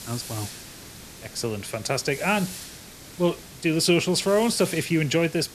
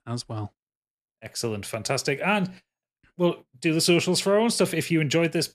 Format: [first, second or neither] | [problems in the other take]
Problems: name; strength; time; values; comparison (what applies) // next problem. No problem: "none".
second | hiss; noticeable; throughout; 15 dB below the speech